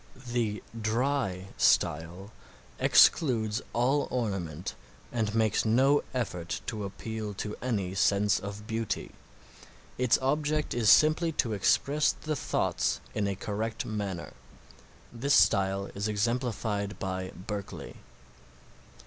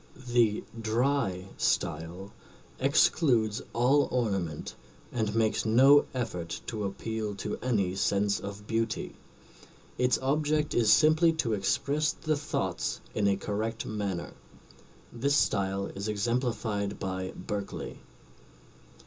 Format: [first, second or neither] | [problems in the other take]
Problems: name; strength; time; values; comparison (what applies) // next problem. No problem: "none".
first | room echo; dies away in 0.2 s